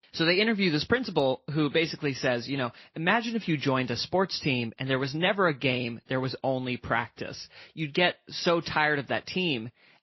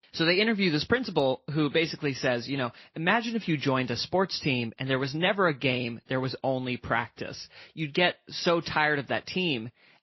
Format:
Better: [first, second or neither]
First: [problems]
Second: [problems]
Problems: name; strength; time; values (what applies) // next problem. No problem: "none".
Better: neither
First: garbled, watery; slightly; nothing above 5.5 kHz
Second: garbled, watery; slightly; nothing above 5.5 kHz